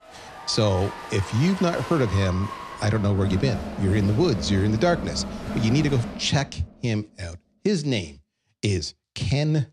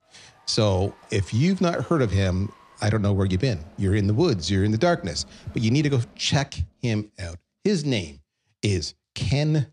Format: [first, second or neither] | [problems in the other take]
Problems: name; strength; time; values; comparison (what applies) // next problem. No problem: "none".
second | crowd noise; loud; until 6 s; 9 dB below the speech; faint in the second